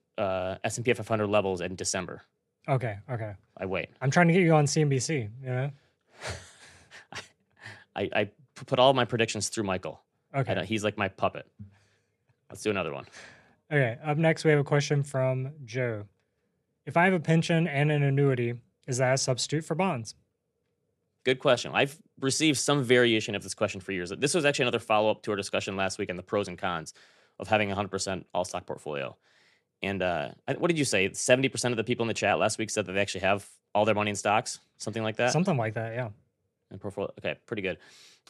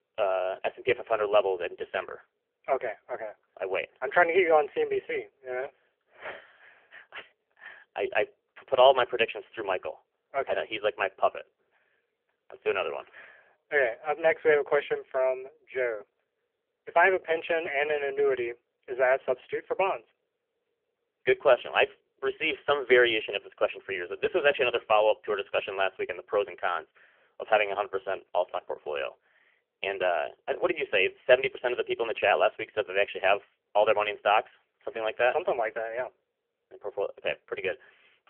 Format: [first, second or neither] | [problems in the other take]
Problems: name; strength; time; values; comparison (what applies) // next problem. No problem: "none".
first | phone-call audio; poor line; nothing above 3 kHz